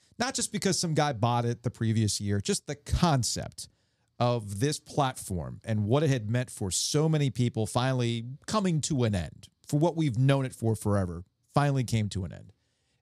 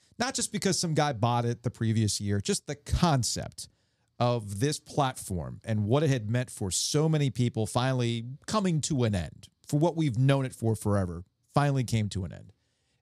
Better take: neither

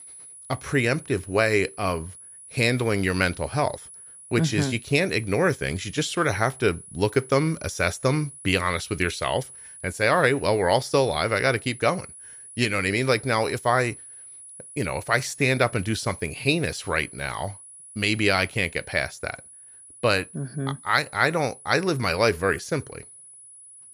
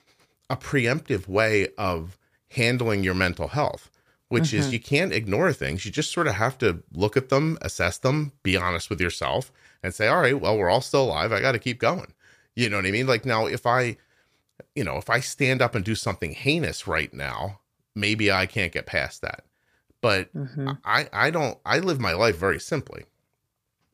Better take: second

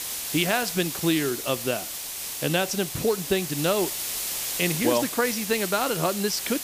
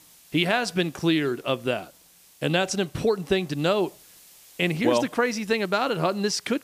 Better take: second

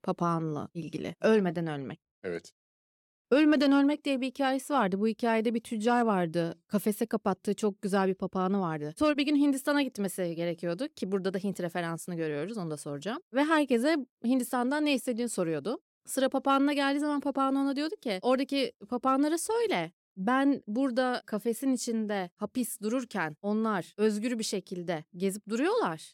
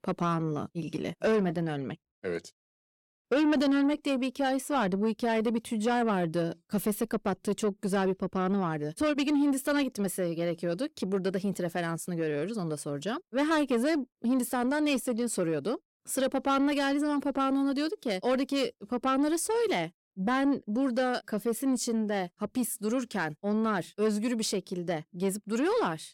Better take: first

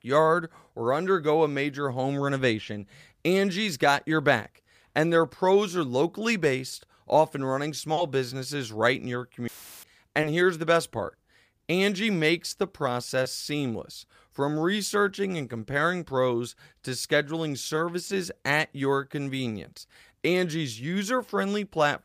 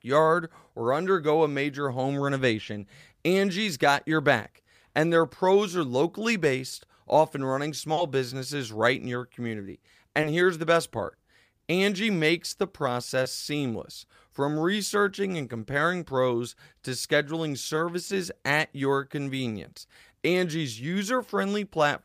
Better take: second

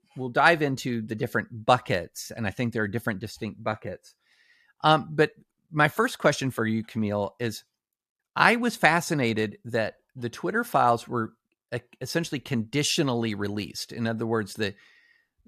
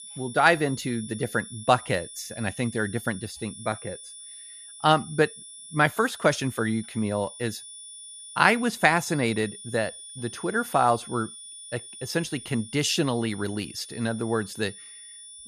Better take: first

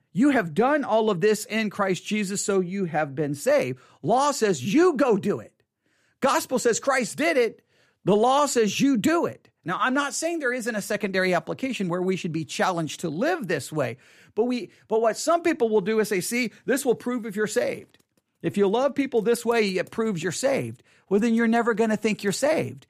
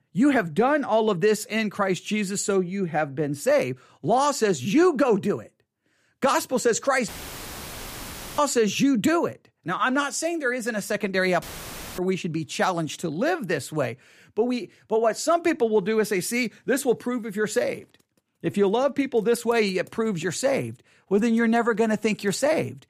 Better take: first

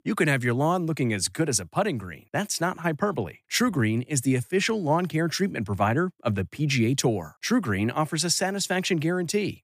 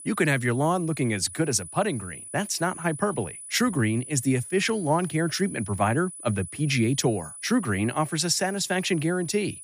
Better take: first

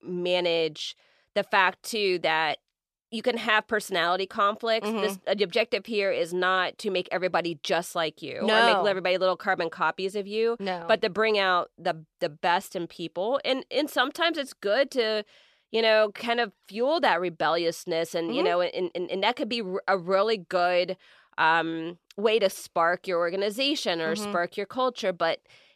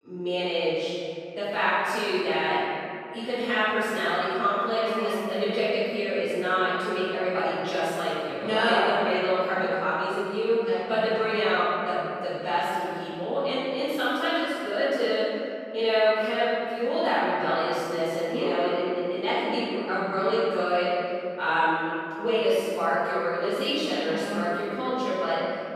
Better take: first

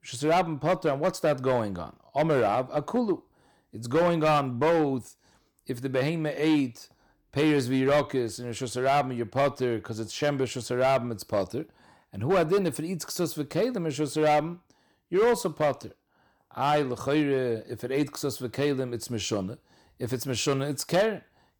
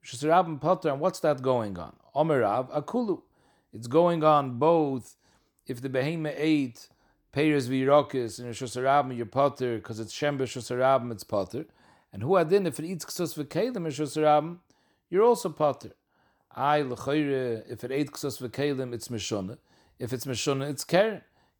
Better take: second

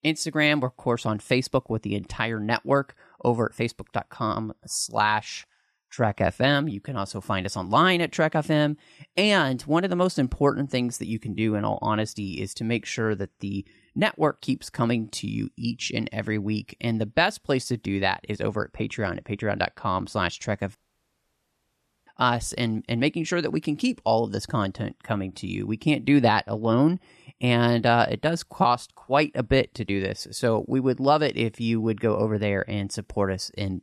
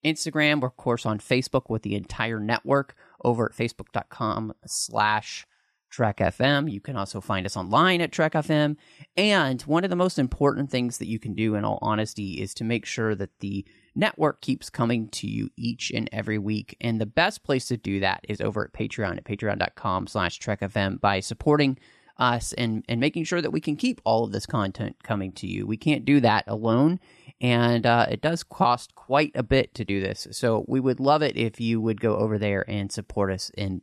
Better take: second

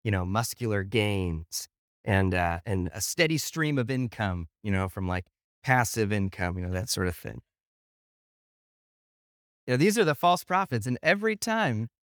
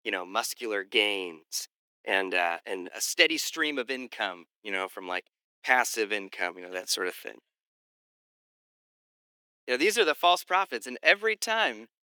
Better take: first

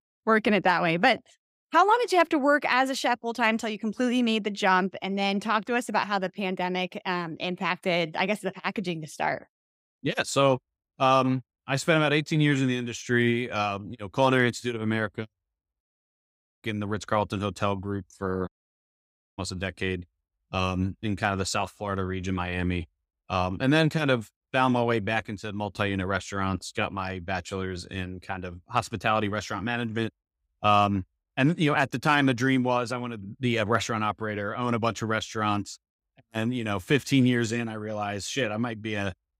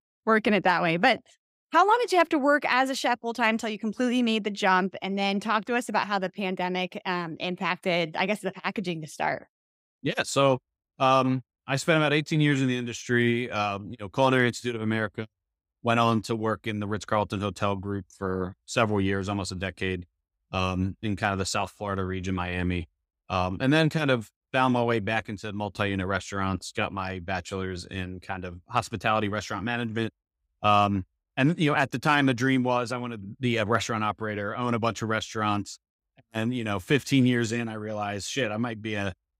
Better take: second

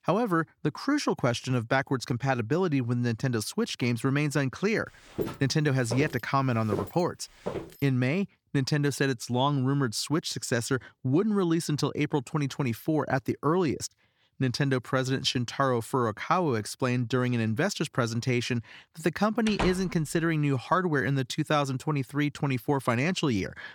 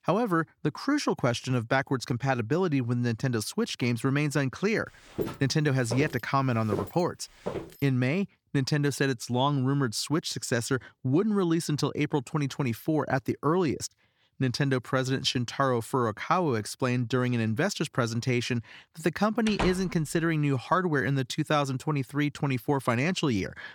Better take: neither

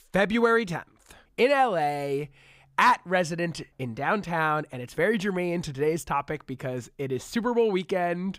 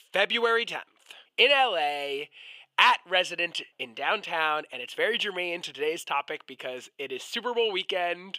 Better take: first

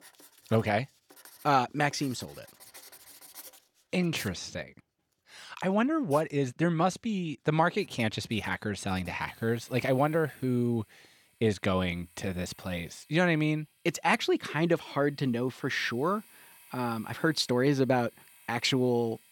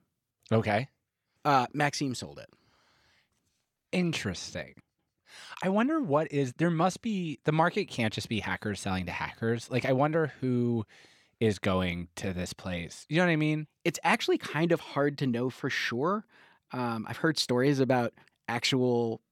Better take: second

